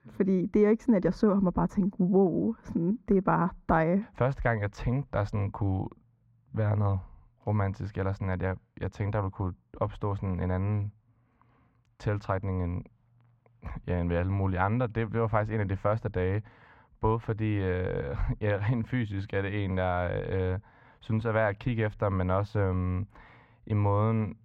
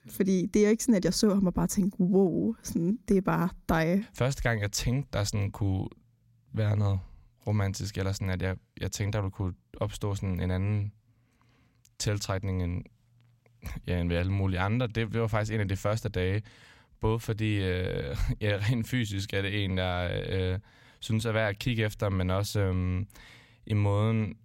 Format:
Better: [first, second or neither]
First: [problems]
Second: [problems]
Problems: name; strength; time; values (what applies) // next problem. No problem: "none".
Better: second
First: muffled; very; fading above 4 kHz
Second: none